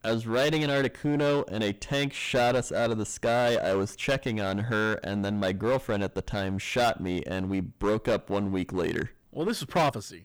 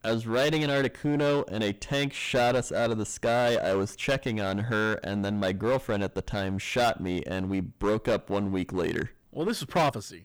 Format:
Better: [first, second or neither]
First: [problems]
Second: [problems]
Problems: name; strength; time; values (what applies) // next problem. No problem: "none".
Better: neither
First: distortion; heavy; 11% of the sound clipped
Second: distortion; heavy; 11% of the sound clipped